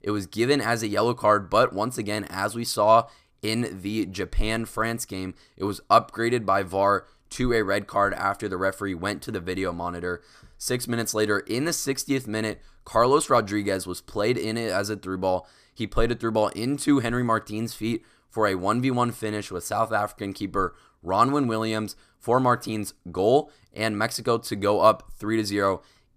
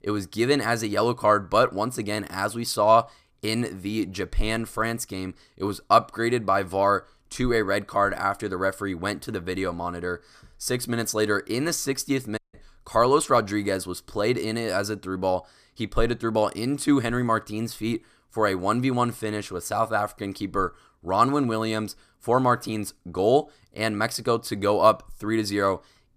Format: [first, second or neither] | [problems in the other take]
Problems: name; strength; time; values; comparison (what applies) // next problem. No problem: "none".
first | audio cutting out; at 12 s